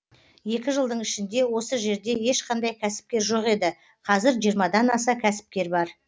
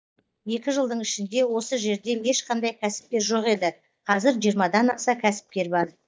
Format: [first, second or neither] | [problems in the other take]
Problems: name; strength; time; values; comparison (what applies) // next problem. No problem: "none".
first | noise reduction (neural mask model DeepFilterNet 3)